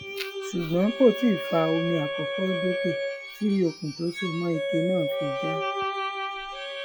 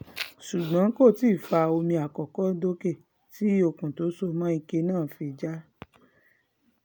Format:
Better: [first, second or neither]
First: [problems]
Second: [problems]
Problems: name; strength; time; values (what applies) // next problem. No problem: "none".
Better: second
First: noise reduction (classical method log-MMSE)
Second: none